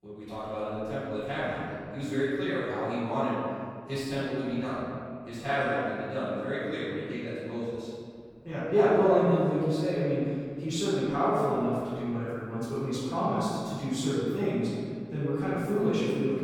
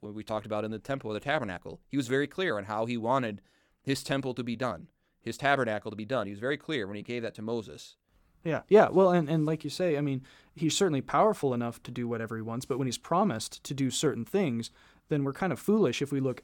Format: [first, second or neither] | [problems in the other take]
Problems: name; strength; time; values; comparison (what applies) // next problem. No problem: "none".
second | room echo; strong; dies away in 2 s // off-mic speech; far